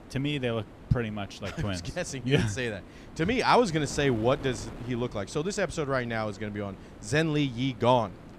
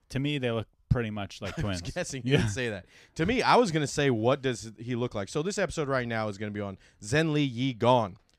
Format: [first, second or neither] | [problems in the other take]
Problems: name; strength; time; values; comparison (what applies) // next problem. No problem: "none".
second | wind noise on the microphone; occasional gusts; 20 dB below the speech